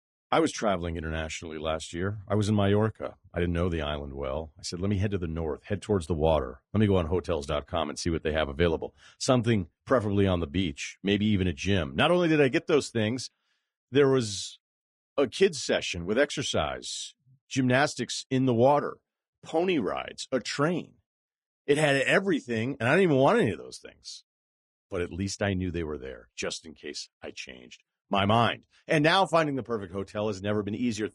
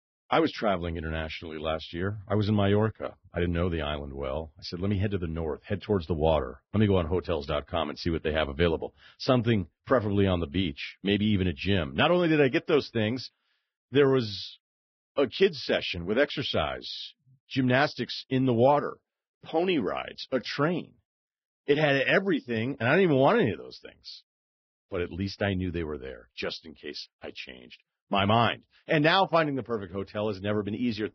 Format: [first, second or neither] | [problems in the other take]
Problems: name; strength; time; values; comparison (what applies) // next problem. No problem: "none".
first | garbled, watery; badly; nothing above 5.5 kHz; slightly in the first